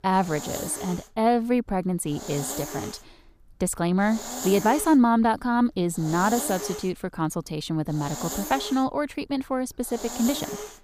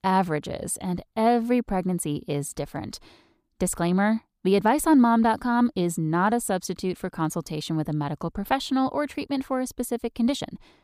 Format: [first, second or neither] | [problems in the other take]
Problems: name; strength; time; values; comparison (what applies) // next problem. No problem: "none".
second | hiss; loud; throughout; 9 dB below the speech